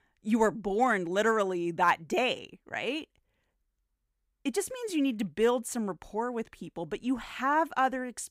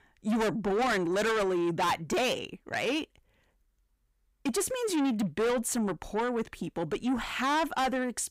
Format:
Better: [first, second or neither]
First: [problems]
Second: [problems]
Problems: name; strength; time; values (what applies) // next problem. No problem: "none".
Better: first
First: none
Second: distortion; heavy; 6 dB below the speech